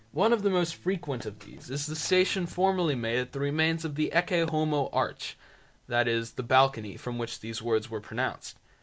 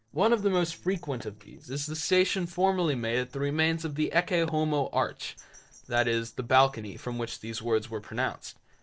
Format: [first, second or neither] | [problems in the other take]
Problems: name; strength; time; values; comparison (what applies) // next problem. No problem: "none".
first | noise reduction (neural separator model SepFormer DNS4)